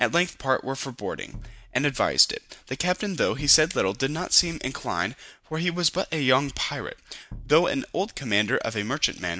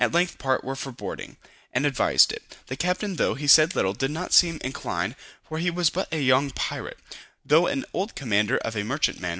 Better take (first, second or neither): second